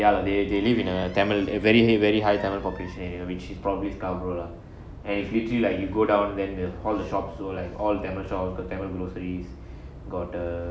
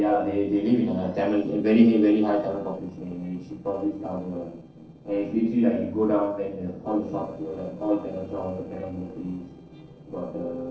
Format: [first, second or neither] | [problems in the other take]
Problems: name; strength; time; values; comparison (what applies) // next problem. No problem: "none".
first | noise reduction (neural separator model SepFormer DNS4)